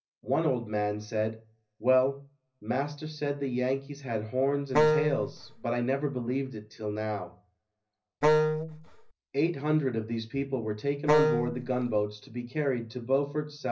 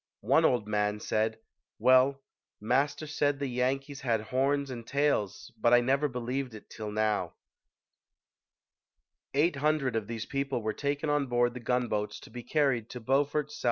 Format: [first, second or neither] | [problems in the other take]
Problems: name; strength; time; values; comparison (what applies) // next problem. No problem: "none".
second | background sound (Wind instrument, woodwind instrument); 4 dB above the speech // room echo; dies away in 0.4 s